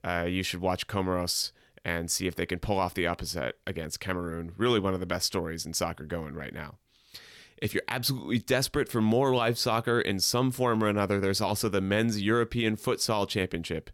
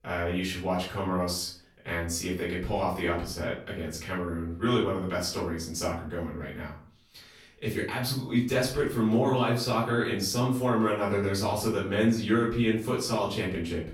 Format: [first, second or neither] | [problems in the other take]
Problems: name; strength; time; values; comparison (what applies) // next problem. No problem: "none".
first | off-mic speech; far // room echo; noticeable; dies away in 0.4 s